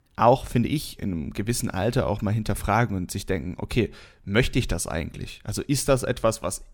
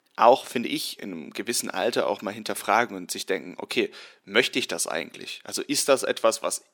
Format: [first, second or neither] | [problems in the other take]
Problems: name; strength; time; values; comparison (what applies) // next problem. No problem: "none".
first | thin; somewhat; fading below 300 Hz